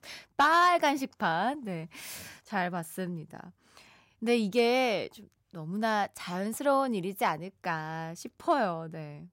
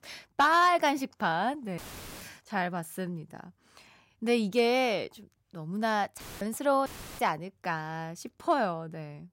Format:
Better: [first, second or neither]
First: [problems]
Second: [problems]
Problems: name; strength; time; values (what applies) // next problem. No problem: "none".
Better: first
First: none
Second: audio cutting out; filled with static; at 2 s, at 6 s and at 7 s